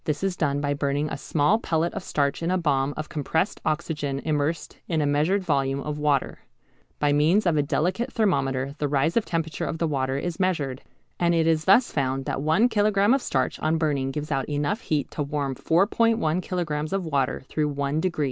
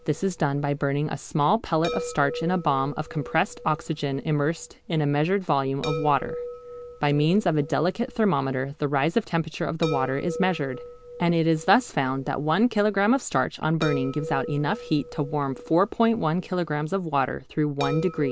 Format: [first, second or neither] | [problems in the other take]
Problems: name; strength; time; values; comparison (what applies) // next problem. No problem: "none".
first | background sound (Chime); 13 dB below the speech